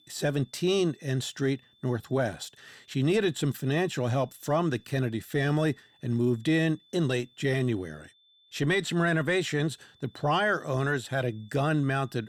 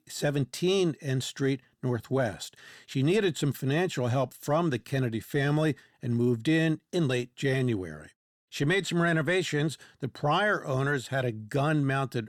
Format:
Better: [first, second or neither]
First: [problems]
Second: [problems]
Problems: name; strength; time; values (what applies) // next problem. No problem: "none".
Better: second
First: high-pitched whine; faint; throughout; 3.5 kHz, 30 dB below the speech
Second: none